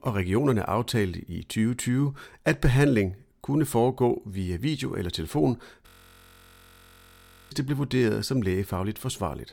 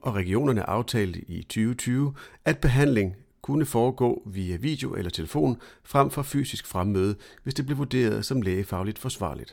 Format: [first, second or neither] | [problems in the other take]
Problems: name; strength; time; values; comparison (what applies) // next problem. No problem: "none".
second | audio freezing; at 6 s for 1.5 s